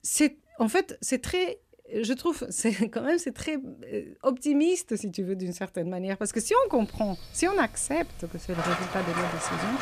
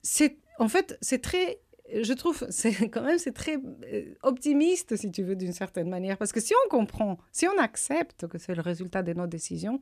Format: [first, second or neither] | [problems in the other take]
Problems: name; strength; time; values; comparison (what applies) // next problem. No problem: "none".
second | rain or running water; loud; from 6.5 s on; 5 dB below the speech